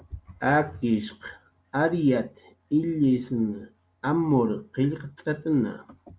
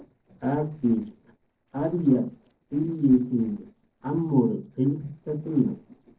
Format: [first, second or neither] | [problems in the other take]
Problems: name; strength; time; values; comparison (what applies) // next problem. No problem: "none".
first | noise reduction (neural separator model SepFormer DNS4)